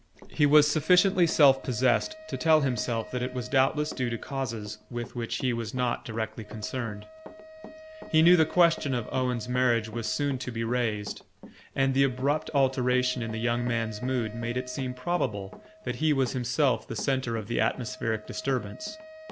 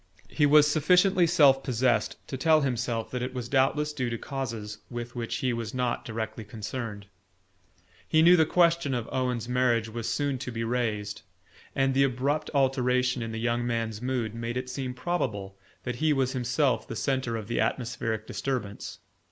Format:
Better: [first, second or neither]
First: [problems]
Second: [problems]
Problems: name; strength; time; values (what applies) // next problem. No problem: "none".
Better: second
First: background sound (Wind instrument, woodwind instrument + Run); 17 dB below the speech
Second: none